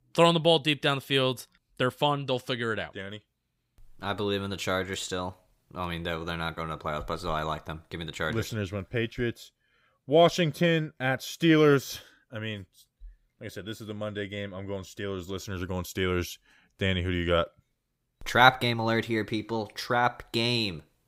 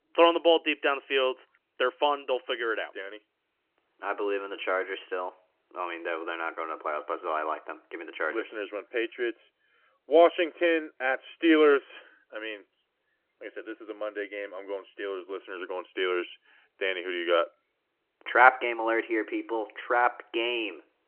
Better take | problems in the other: first | phone-call audio; nothing above 3 kHz

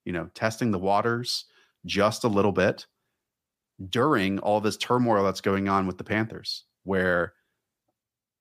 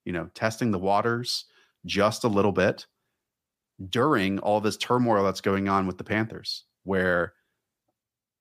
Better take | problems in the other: neither | none

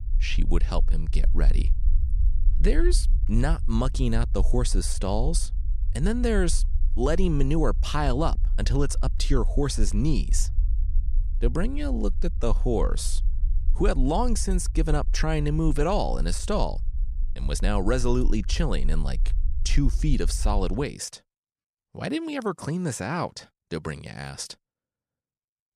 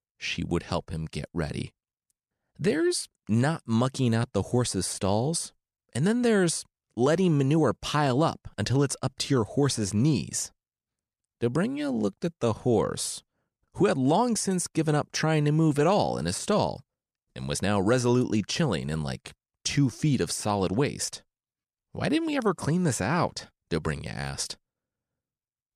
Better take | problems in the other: second | low rumble; faint; until 21 s; 20 dB below the speech

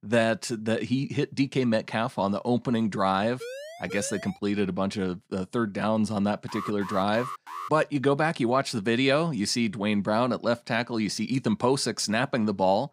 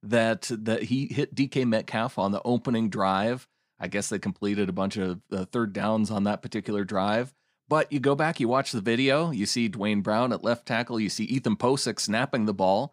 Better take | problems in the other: second | siren; faint; at 3.5 s; peak 10 dB below the speech // alarm; faint; from 6.5 to 7.5 s; peak 10 dB below the speech

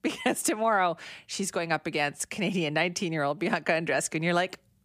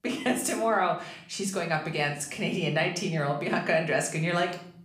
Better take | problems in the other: first | room echo; slight; dies away in 0.5 s // off-mic speech; somewhat distant

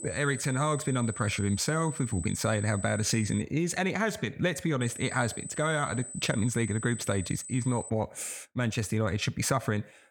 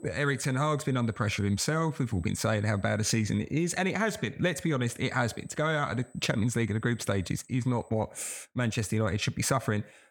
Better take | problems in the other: second | high-pitched whine; loud; until 3.5 s and from 5 to 8 s; 8 kHz, 10 dB below the speech; faint in the second

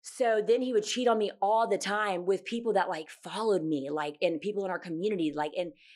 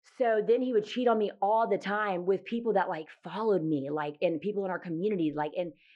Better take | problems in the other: first | muffled; slightly; fading above 2.5 kHz

